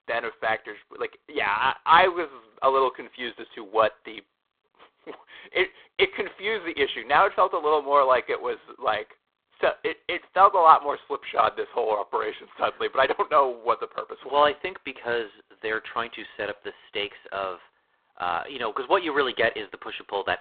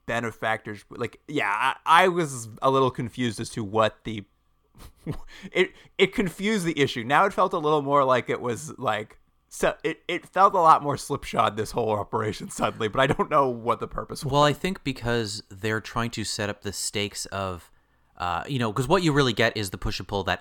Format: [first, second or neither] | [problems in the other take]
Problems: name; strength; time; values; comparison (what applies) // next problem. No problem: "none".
second | phone-call audio; poor line